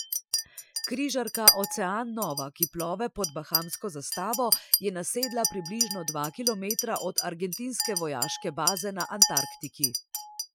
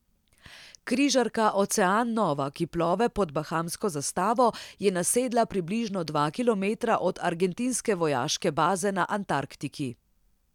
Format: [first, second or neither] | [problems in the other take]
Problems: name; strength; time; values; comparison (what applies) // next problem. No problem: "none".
second | noise reduction (classical method Wiener filter)